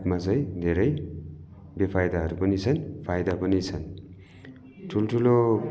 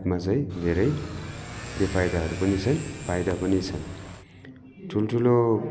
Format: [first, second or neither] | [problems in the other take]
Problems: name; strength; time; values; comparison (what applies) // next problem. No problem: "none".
first | background sound (Motorcycle / Accelerating, revving, vroom); 12 dB below the speech